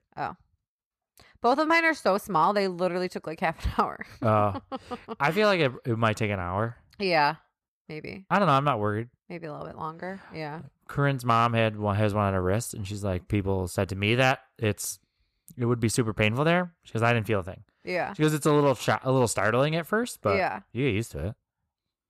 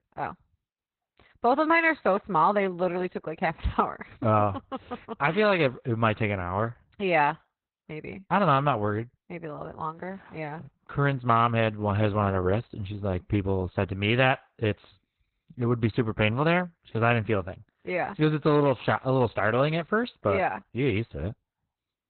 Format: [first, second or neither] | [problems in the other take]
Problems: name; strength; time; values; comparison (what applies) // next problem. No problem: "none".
first | garbled, watery; badly; nothing above 4 kHz